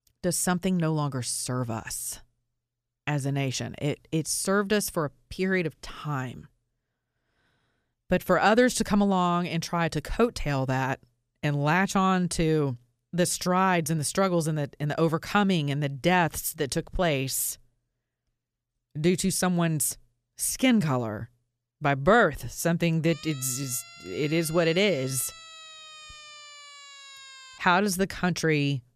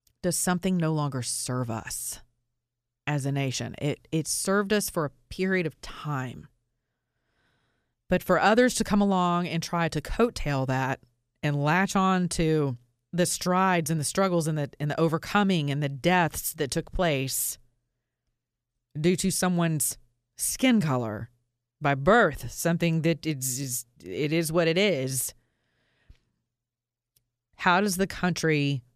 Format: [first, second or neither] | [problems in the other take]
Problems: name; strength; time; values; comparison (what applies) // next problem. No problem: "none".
second | siren; faint; from 23 to 28 s; peak 15 dB below the speech